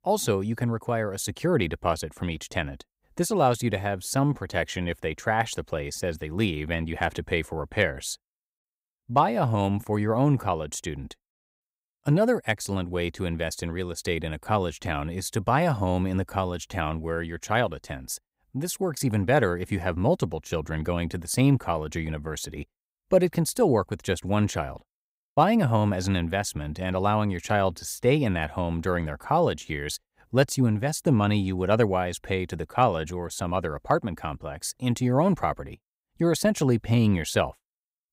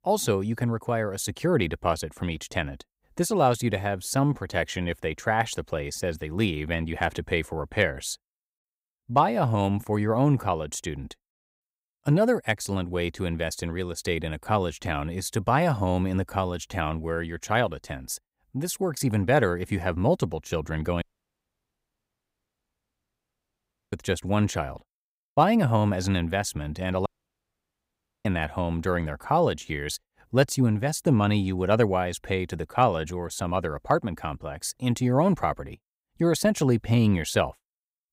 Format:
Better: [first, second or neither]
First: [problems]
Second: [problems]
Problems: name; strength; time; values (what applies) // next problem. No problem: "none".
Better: first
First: none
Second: audio cutting out; at 21 s for 3 s and at 27 s for 1 s